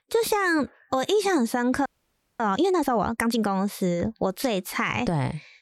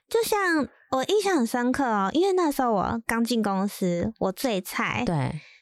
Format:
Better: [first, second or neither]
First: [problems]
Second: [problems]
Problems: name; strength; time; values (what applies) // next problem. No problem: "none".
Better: second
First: audio freezing; at 2 s for 0.5 s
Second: none